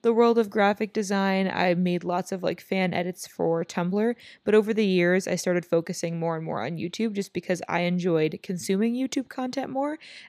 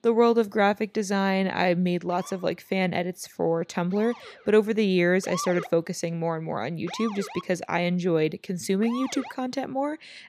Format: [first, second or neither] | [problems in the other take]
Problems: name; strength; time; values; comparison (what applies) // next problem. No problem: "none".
first | siren; noticeable; from 2 to 9.5 s; peak 8 dB below the speech